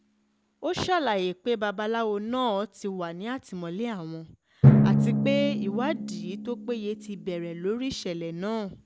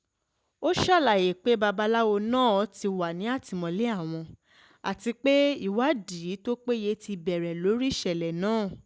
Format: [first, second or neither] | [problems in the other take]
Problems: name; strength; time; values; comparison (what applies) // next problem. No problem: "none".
second | background sound (Drum); 2 dB above the speech